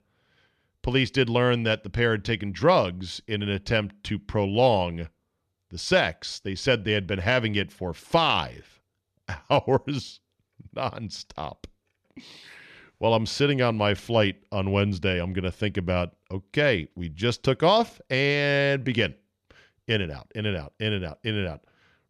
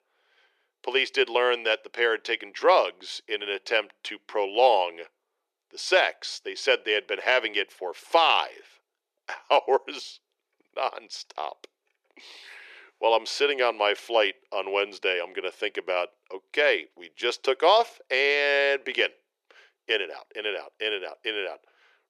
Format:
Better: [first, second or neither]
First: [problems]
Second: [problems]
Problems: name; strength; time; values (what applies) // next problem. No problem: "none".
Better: first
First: none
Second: thin; very; fading below 350 Hz